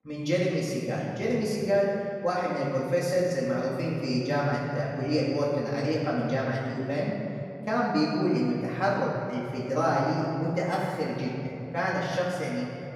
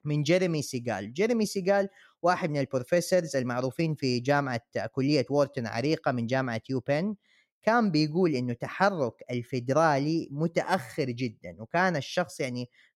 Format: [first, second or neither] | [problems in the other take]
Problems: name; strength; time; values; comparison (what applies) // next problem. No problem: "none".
second | room echo; noticeable; dies away in 2.6 s // off-mic speech; far